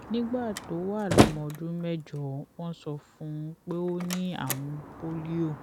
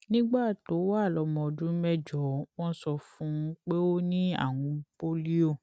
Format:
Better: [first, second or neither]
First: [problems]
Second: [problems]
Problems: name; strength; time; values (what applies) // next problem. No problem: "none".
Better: second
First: background sound (Slam); as loud as the speech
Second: none